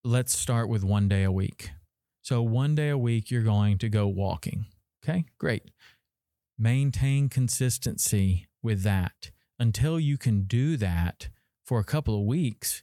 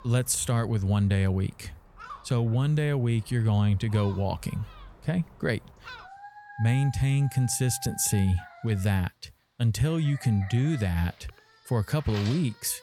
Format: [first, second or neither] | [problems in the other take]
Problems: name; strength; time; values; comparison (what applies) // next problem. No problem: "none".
first | animal sounds; noticeable; throughout; 20 dB below the speech